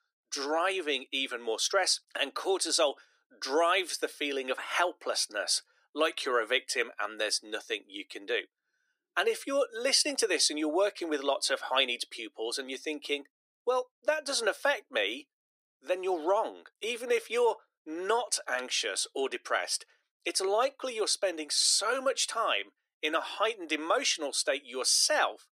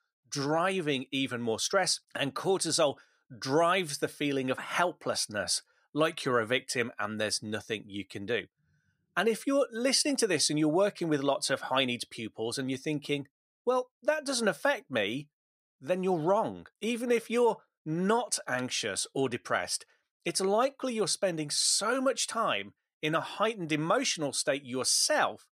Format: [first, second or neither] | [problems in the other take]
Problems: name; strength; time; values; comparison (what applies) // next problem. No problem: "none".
second | thin; somewhat; fading below 300 Hz